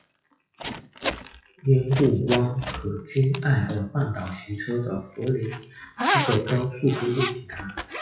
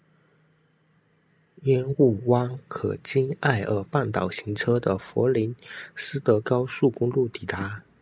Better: second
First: noise reduction (classical method WPE with log-MMSE)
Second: none

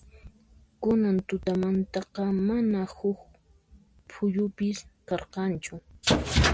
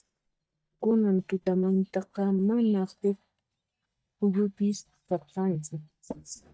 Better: first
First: none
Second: noise reduction (neural mask model DeepFilterNet 3)

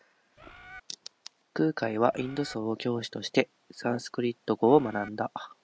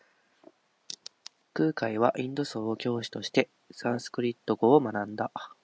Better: second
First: background sound (Bird); 18 dB below the speech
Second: none

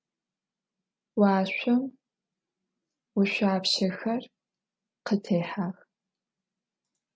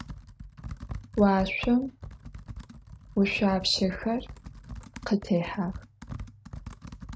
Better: first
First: none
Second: background sound (Computer keyboard); 12 dB below the speech

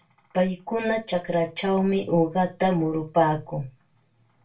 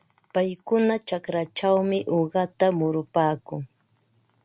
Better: second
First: room echo; dies away in 0.2 s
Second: none

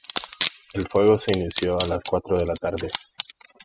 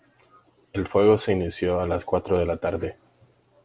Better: second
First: noise reduction (classical method spectral subtraction)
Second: none

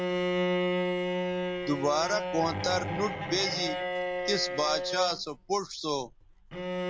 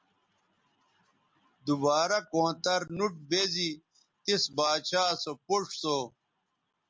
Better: second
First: background sound (Bowed string instrument); as loud as the speech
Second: none

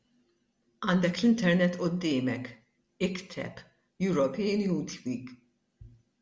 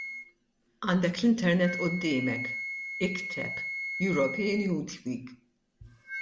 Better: first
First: none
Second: background sound (Wind instrument, woodwind instrument); 8 dB below the speech

